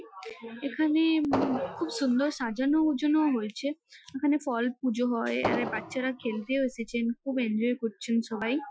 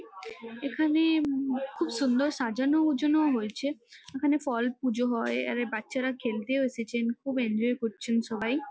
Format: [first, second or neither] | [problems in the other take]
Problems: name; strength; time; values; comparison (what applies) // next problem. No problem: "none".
second | noise reduction (classical method Wiener filter)